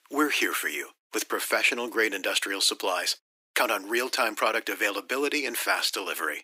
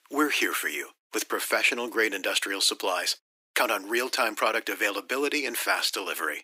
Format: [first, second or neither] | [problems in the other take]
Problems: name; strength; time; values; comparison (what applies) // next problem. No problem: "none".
neither | thin; very; fading below 300 Hz; the same in both